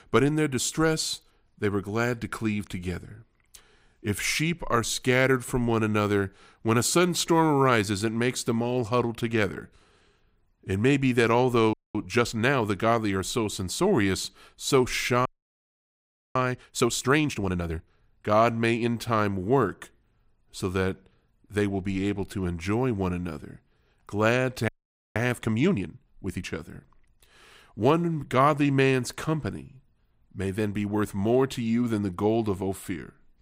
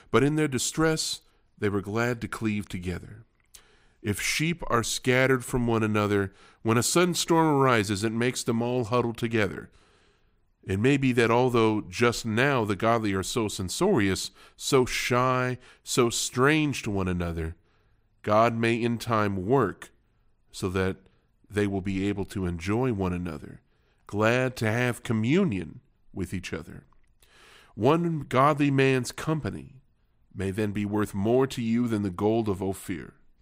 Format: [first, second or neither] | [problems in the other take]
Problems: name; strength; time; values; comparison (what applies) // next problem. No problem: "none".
second | audio freezing; at 12 s, at 15 s for 1 s and at 25 s